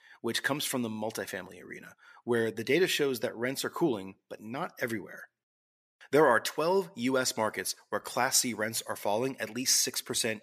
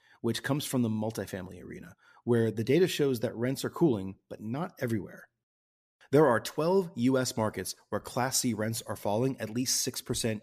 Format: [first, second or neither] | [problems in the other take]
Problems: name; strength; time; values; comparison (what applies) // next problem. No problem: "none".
second | thin; very slightly; fading below 550 Hz